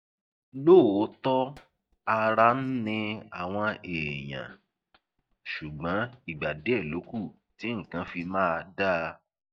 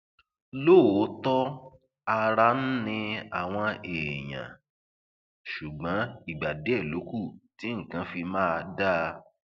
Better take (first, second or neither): second